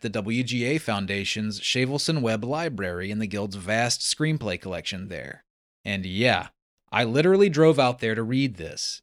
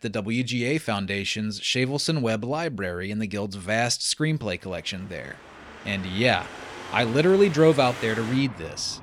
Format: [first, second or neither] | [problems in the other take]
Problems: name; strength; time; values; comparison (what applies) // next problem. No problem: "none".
first | traffic noise; noticeable; from 5 s on; 15 dB below the speech